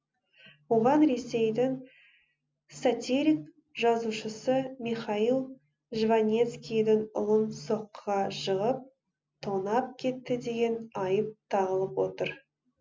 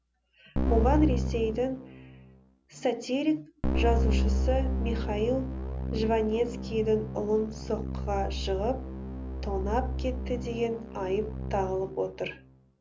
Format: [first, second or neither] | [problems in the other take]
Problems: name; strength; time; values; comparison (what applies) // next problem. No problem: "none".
first | background sound (Keyboard (musical)); 1 dB below the speech